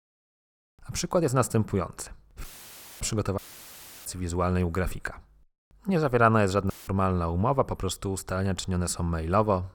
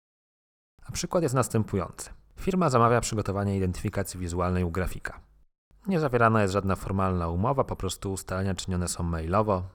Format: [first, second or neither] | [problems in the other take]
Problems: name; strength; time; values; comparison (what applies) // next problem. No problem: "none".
second | audio cutting out; filled with static; at 2.5 s for 0.5 s, at 3.5 s for 0.5 s and at 6.5 s